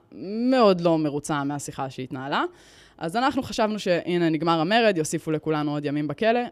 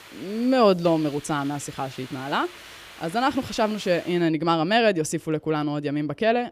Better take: first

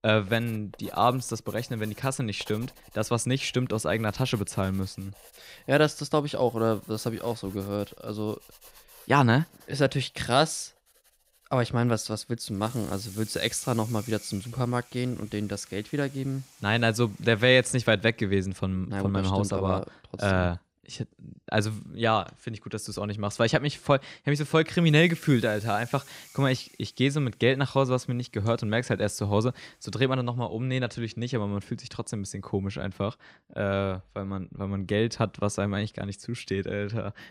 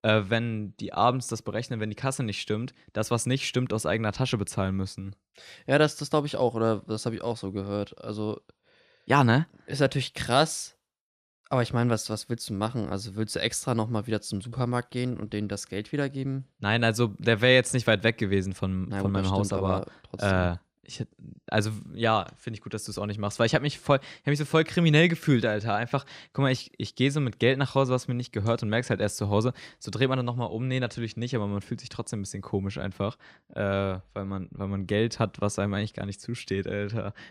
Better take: second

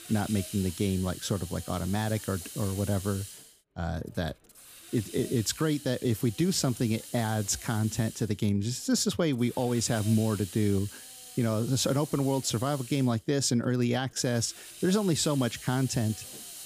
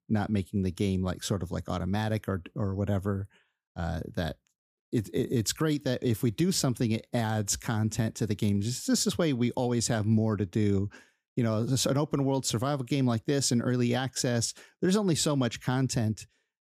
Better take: second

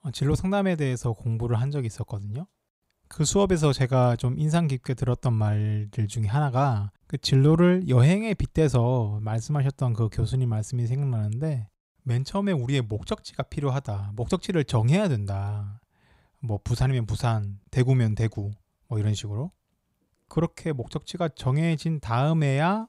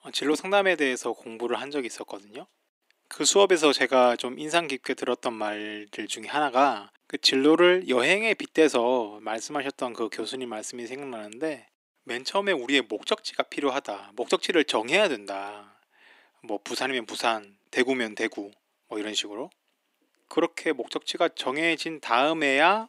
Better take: first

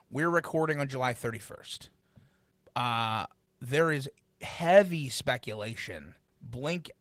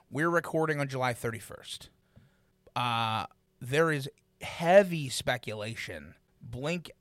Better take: second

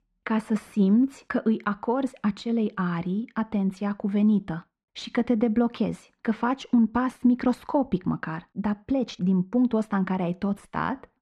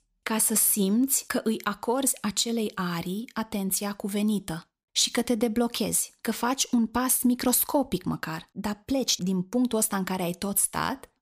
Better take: second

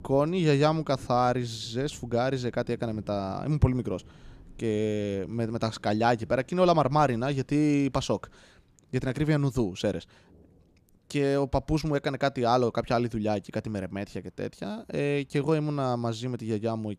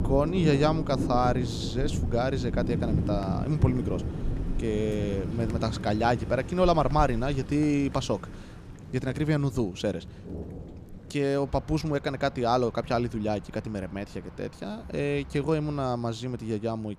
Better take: first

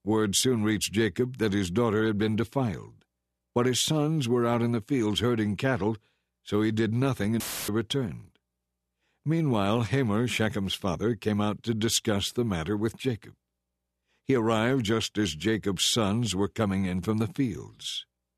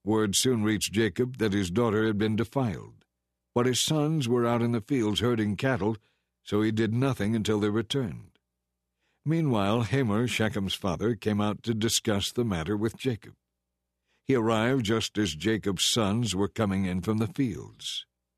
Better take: second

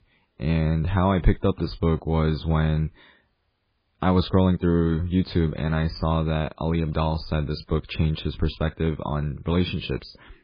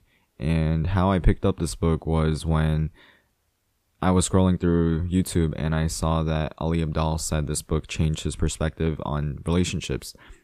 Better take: second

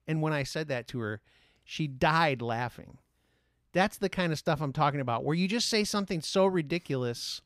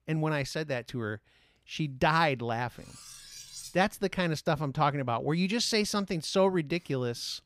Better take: first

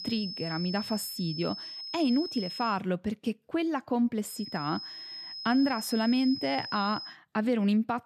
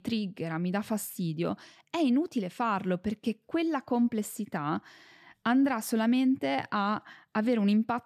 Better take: second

